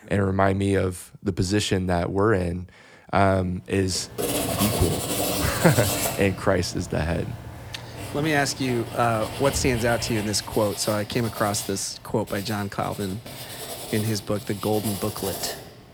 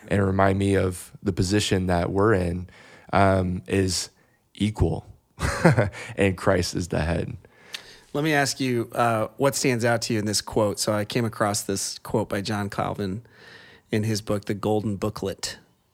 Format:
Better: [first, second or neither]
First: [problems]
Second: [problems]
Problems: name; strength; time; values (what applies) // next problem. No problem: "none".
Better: second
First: household noises; loud; from 4 s on; 6 dB below the speech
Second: none